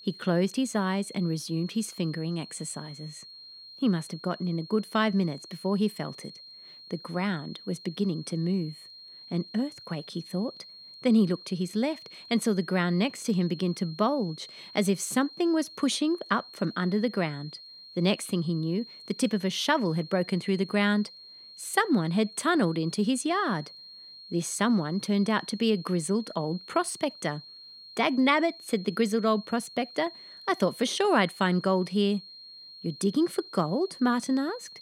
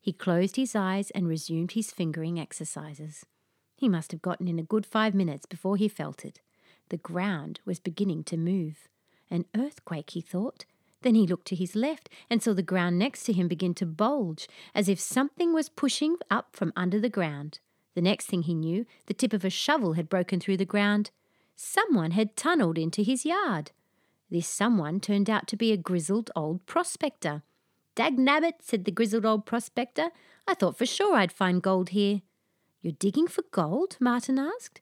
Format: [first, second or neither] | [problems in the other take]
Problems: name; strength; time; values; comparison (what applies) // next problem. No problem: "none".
second | high-pitched whine; noticeable; throughout; 4 kHz, 15 dB below the speech